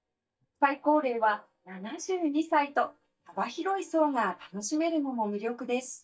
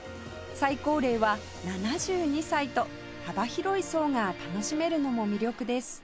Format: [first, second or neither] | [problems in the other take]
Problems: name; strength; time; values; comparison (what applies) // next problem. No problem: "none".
second | noise reduction (neural mask model DeepFilterNet 3)